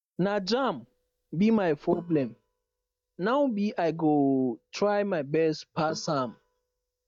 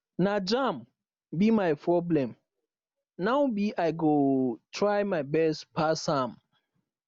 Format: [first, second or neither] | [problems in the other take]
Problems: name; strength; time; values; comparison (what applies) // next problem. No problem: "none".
second | noise reduction (neural mask model DeepFilterNet 3)